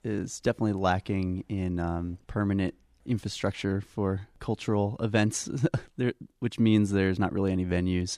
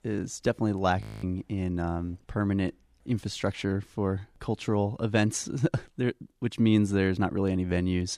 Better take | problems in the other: first | audio freezing; at 1 s

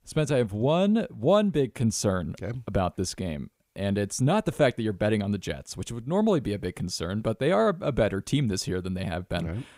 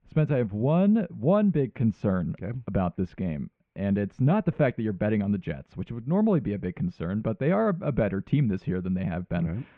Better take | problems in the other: first | muffled; very; fading above 2.5 kHz

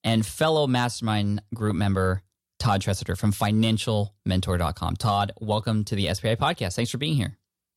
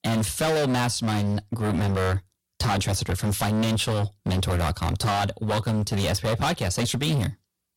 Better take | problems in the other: first | distortion; heavy; 27% of the sound clipped

